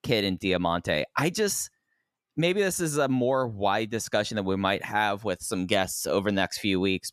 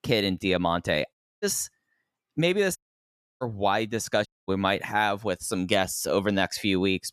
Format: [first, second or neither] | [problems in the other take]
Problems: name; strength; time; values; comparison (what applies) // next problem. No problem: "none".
first | audio cutting out; at 1 s, at 3 s for 0.5 s and at 4.5 s